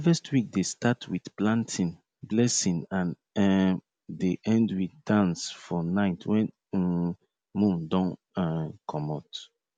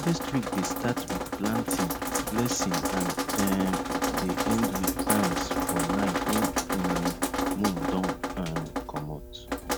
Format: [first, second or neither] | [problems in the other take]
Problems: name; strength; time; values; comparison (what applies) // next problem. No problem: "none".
first | background sound (Drip); 2 dB above the speech